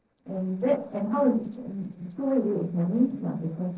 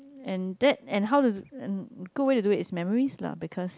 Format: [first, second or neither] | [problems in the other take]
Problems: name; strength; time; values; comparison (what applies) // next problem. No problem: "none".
second | noise reduction (neural separator model SepFormer DNS4)